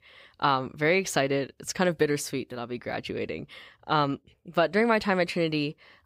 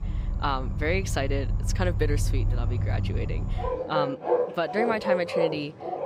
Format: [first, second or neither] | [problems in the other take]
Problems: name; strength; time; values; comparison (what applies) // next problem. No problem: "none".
first | animal sounds; very loud; throughout; 2 dB above the speech